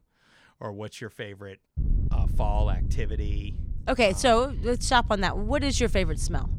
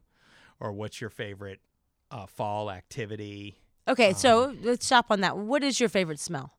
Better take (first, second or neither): second